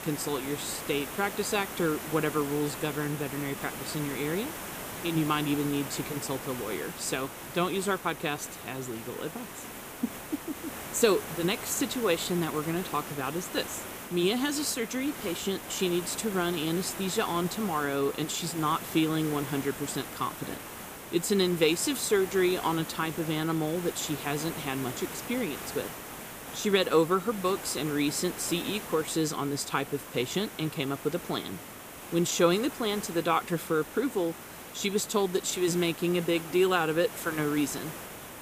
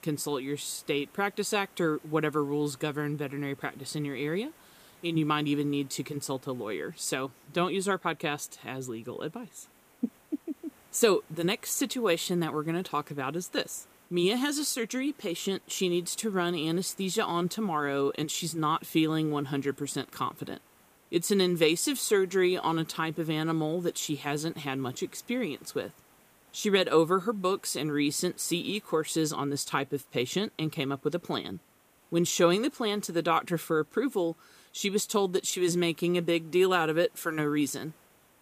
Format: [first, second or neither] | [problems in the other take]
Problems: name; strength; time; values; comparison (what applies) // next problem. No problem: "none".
second | hiss; loud; throughout; 9 dB below the speech; faint in the second